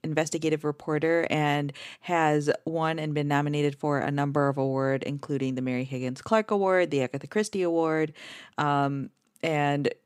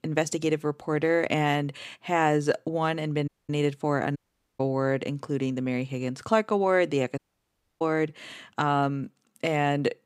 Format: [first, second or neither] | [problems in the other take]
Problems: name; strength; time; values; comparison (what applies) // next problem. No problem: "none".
first | audio cutting out; at 3.5 s, at 4 s and at 7 s for 0.5 s